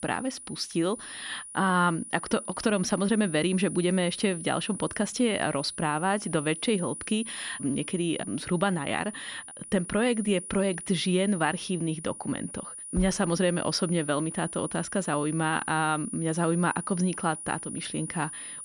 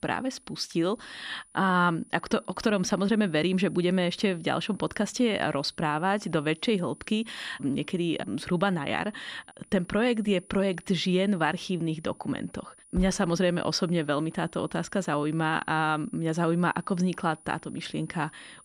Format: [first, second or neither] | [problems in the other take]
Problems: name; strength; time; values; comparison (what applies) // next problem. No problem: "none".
second | high-pitched whine; loud; throughout; 9.5 kHz, 10 dB below the speech; faint in the second